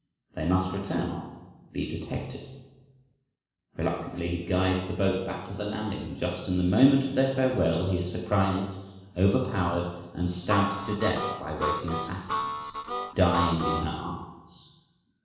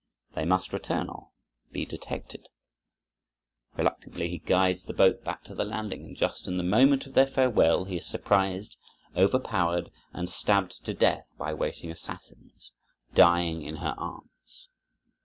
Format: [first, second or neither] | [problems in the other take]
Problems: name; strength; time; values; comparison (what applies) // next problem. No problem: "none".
second | background sound (Harmonica); 4 dB below the speech // room echo; dies away in 1.1 s